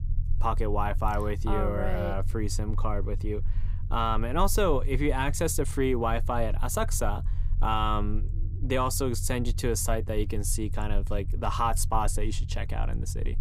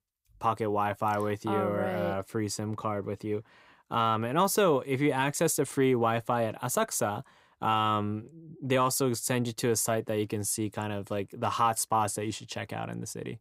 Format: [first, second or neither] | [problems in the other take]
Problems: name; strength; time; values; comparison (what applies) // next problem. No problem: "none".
second | low rumble; faint; throughout; 20 dB below the speech